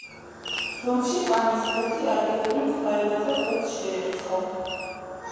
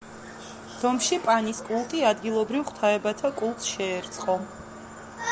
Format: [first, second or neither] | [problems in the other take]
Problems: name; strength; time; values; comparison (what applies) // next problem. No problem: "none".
second | background sound (Fireworks); 13 dB below the speech // room echo; dies away in 2.2 s